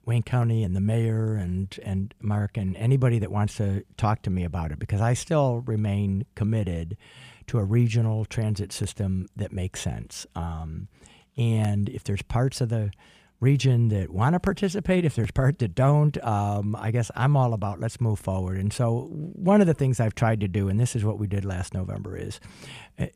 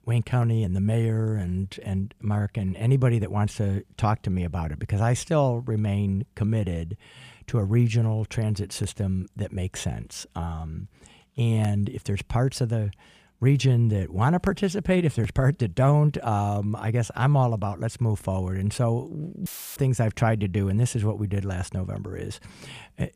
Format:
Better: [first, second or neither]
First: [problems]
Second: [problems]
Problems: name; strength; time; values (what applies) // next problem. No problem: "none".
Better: first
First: none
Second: audio cutting out; filled with static; at 19 s